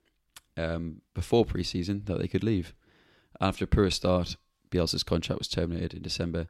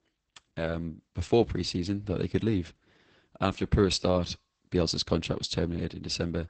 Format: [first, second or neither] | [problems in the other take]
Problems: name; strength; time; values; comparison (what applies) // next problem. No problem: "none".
first | garbled, watery; badly; nothing above 8 kHz